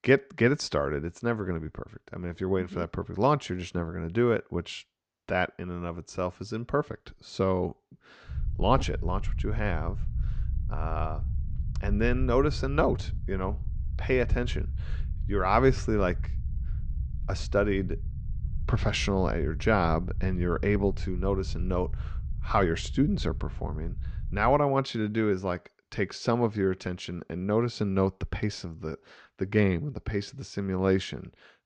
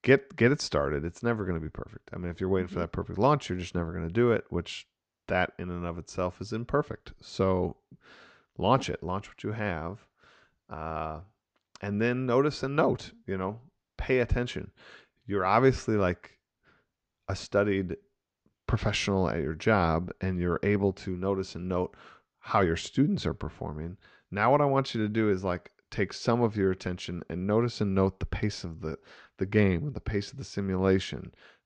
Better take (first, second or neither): second